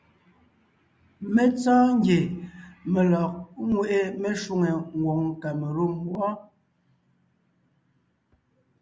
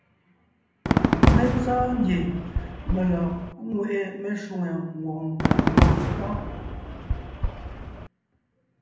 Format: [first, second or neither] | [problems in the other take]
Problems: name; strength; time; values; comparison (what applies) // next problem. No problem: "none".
first | background sound (Fireworks); 3 dB above the speech // room echo; dies away in 0.7 s